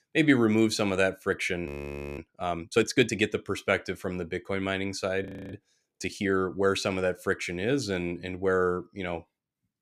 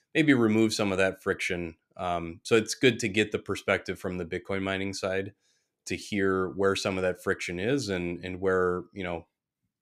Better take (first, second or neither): second